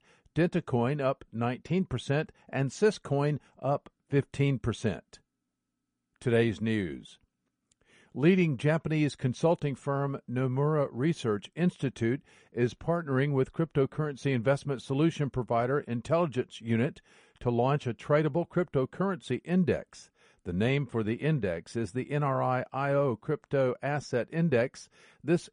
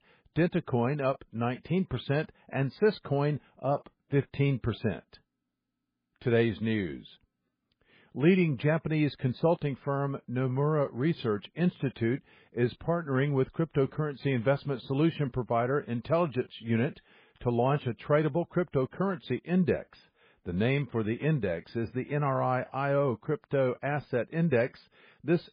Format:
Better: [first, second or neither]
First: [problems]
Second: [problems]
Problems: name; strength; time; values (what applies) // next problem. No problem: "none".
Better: first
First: garbled, watery; slightly; nothing above 10.5 kHz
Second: garbled, watery; badly; nothing above 4.5 kHz